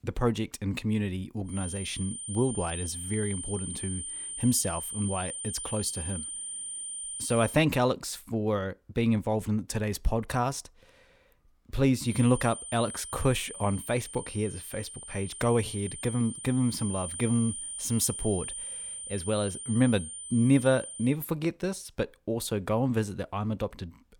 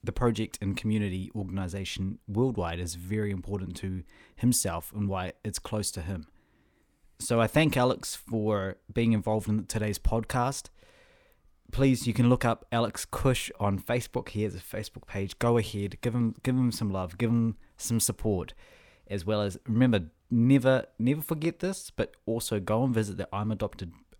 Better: second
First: high-pitched whine; loud; from 1.5 to 7.5 s and from 12 to 21 s; 9 kHz, 7 dB below the speech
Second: none

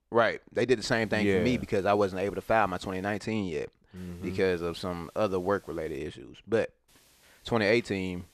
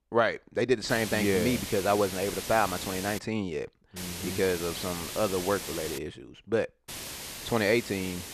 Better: first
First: hiss; faint; from 1 to 3 s, from 4 to 6 s and from 7 s on; 30 dB below the speech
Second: hiss; loud; from 1 to 3 s, from 4 to 6 s and from 7 s on; 8 dB below the speech

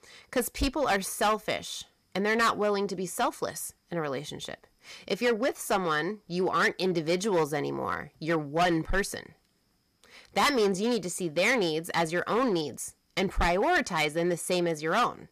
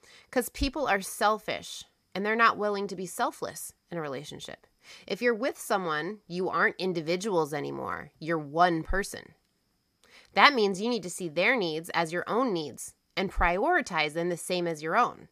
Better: second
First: distortion; heavy; 6% of the sound clipped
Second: none

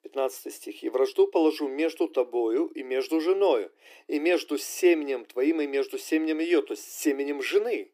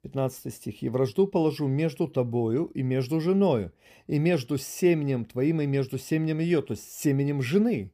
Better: second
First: thin; somewhat; fading below 300 Hz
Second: none

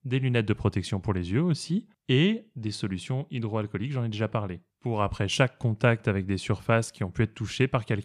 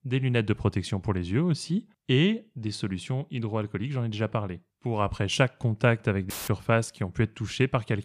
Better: first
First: none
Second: audio cutting out; filled with static; at 6.5 s

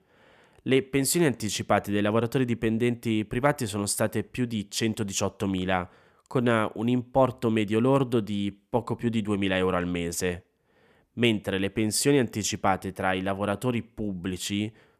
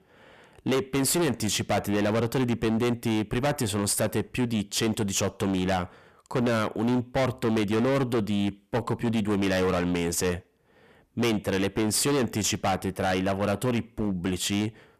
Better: first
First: none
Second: distortion; heavy; 21% of the sound clipped

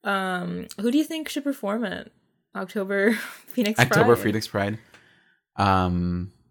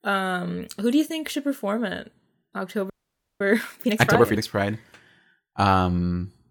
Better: first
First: none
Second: audio freezing; at 3 s for 0.5 s

